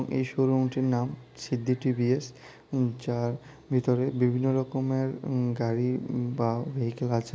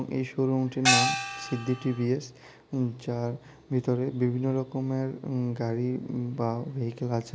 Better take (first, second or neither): first